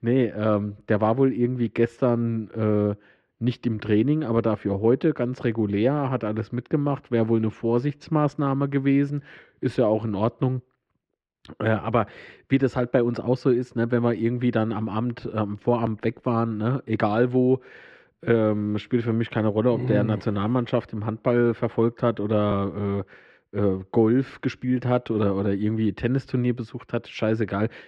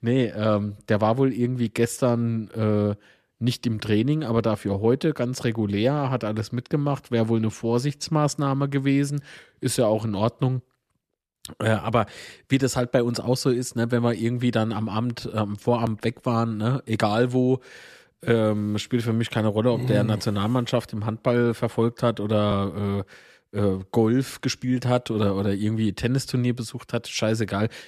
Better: second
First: muffled; very; fading above 2 kHz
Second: none

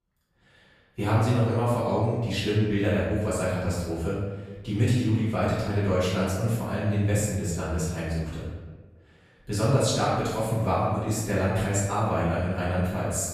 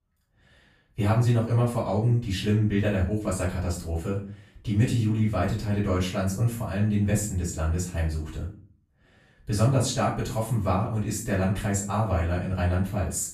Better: second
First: room echo; strong; dies away in 1.1 s // off-mic speech; far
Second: room echo; slight; dies away in 0.4 s // off-mic speech; far

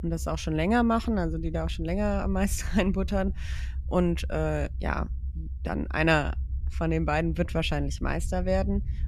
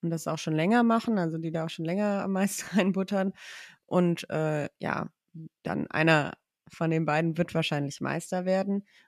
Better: second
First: low rumble; faint; throughout; 25 dB below the speech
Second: none

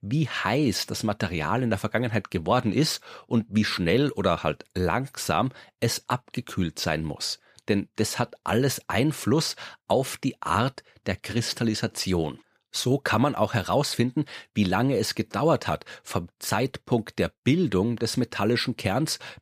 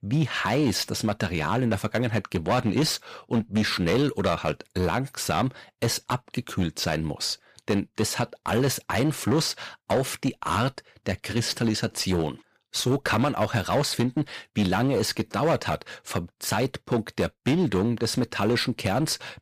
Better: first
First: none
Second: distortion; slight; 9% of the sound clipped

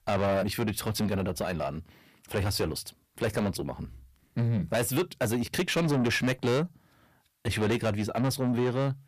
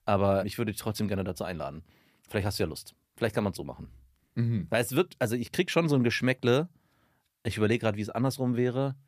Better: second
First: distortion; heavy; 7 dB below the speech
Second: none

